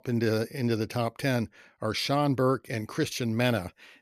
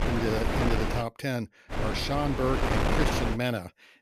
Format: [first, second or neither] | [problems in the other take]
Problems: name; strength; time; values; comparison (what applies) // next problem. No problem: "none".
first | wind noise on the microphone; heavy; until 1 s and from 1.5 to 3.5 s; 1 dB above the speech